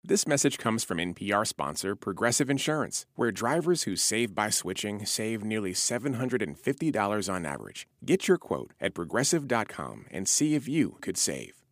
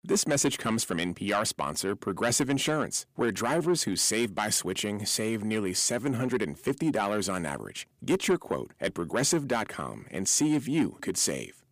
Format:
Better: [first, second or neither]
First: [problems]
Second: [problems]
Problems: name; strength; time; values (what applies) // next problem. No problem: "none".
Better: first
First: none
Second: distortion; slight; 10 dB below the speech